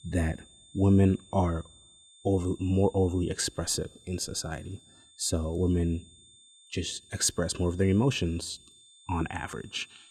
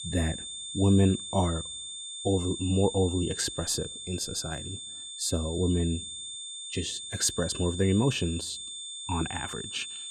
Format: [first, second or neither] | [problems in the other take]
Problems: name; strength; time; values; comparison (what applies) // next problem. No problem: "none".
first | high-pitched whine; loud; throughout; 3.5 kHz, 8 dB below the speech; faint in the first